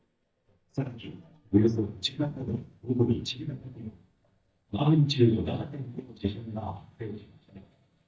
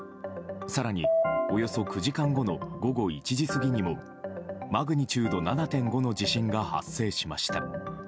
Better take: second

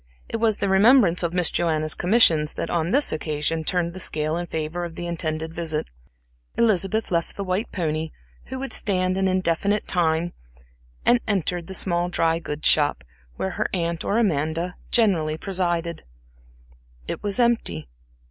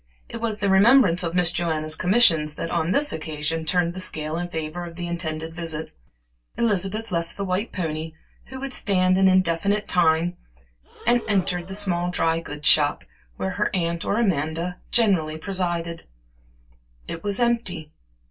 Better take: first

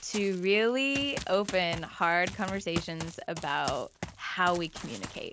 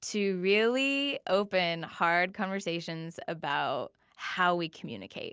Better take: second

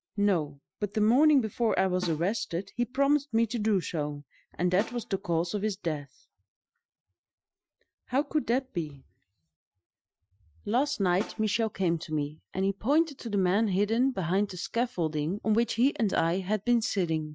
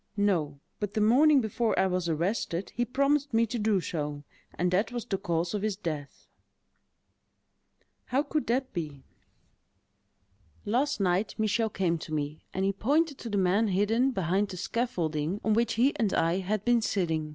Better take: second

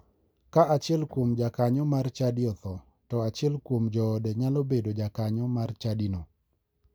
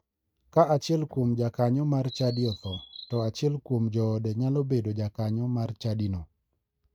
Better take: first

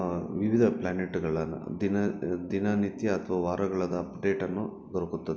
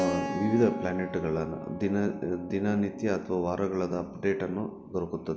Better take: first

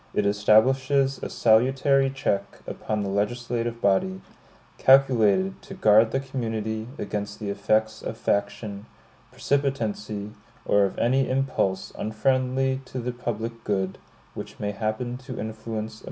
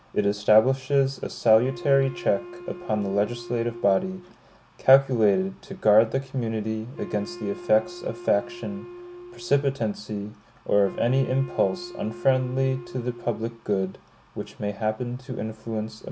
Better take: first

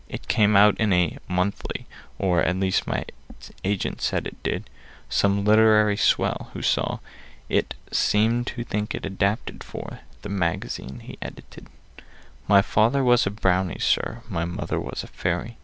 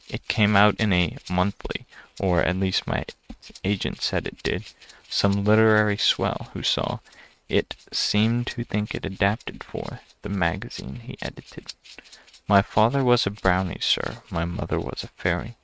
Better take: first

